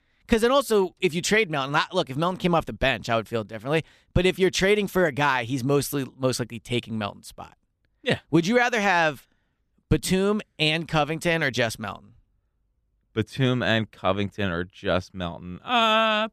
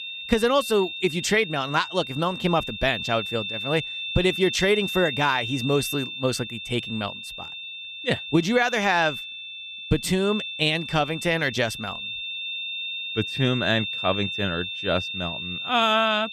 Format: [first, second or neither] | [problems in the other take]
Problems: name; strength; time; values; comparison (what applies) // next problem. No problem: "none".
first | high-pitched whine; loud; throughout; 3.5 kHz, 6 dB below the speech